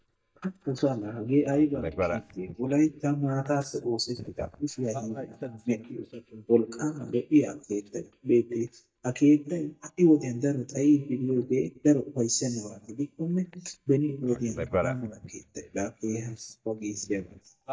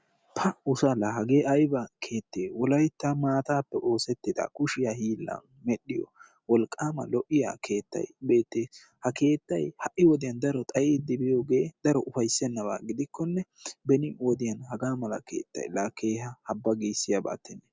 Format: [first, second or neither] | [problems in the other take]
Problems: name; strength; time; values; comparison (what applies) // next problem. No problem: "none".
second | noise reduction (neural mask model DeepFilterNet 3)